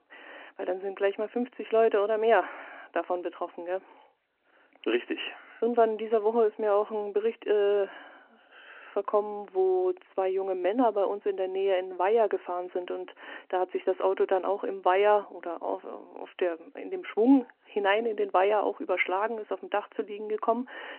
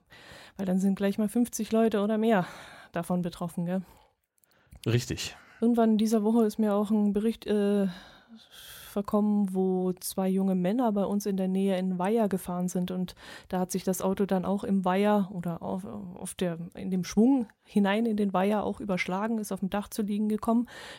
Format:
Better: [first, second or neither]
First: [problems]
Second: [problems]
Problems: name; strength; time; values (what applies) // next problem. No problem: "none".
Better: second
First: phone-call audio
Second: none